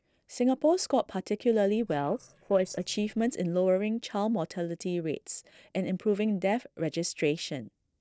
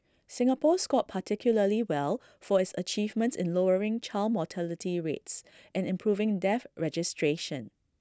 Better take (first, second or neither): second